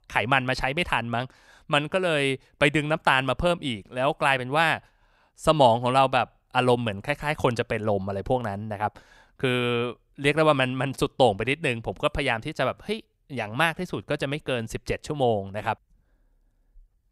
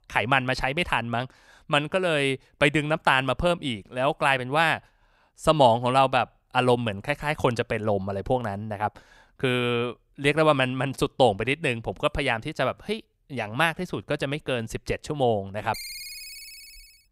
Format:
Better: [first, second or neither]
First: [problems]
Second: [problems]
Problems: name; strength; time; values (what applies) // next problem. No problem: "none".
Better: first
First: none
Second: phone ringing; noticeable; from 16 s on; peak 10 dB below the speech